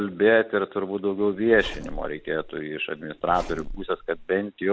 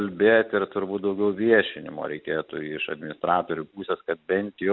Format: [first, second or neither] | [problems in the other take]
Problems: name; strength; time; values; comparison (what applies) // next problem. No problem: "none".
second | background sound (Zipper (clothing)); 13 dB below the speech